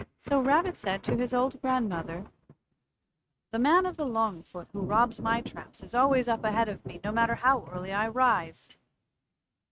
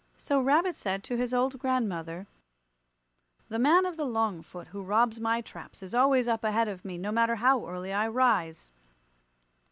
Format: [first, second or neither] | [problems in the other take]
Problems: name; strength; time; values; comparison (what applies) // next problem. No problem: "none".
second | noise reduction (neural mask model RNNoise)